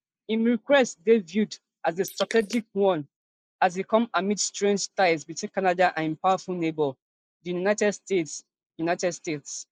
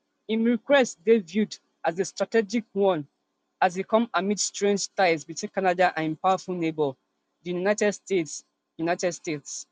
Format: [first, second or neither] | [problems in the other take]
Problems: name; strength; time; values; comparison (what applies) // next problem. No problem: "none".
second | noise reduction (neural mask model Resemble Enhance denoiser)